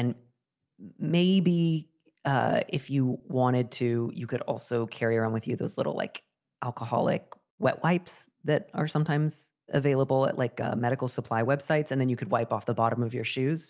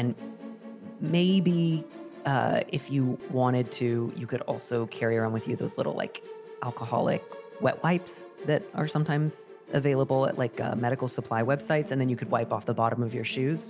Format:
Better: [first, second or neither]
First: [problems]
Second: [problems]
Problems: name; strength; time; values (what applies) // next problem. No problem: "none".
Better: first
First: none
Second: background sound (Musical instrument); 16 dB below the speech